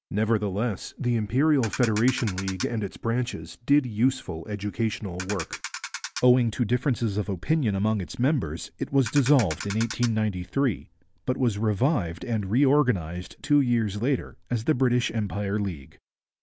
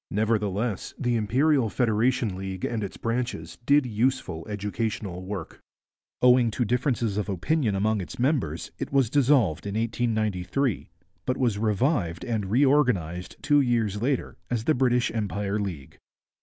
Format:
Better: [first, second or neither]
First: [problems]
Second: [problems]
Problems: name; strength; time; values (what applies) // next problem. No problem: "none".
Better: second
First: background sound (Ratchet, pawl); 11 dB below the speech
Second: none